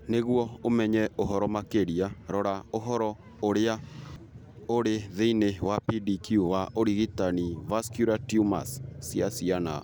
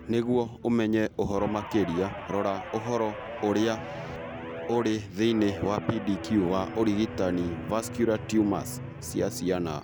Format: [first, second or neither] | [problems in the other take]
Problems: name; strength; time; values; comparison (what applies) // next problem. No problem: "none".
first | background sound (Guitar); 11 dB below the speech